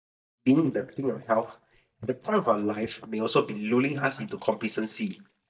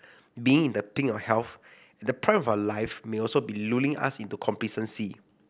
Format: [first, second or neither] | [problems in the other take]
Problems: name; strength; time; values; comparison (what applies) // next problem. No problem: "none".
second | noise reduction (neural mask model DeepFilterNet 3)